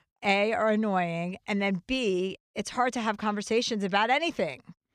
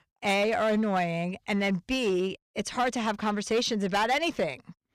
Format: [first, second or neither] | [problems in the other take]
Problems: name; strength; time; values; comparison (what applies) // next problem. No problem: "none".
first | distortion; slight; 8% of the sound clipped